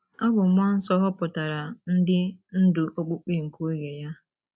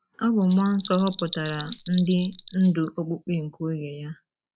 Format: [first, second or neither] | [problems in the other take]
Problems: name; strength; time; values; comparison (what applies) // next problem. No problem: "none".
first | background sound (Bell + Rattle (instrument)); 17 dB below the speech